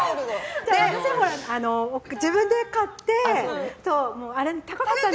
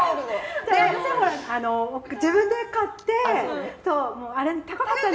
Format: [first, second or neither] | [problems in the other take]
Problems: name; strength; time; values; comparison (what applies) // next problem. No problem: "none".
first | room echo; dies away in 0.7 s